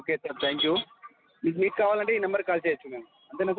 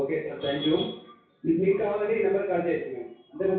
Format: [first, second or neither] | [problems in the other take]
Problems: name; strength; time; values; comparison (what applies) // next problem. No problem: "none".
first | room echo; dies away in 0.6 s